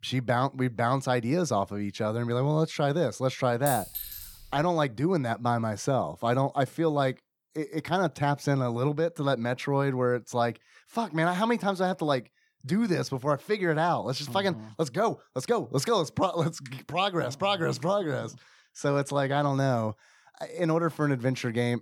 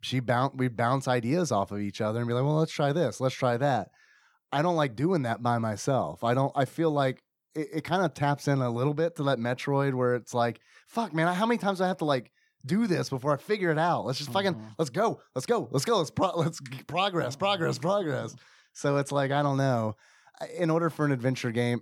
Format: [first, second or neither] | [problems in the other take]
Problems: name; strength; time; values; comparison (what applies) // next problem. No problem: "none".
second | clattering dishes; noticeable; at 3.5 s; peak 5 dB below the speech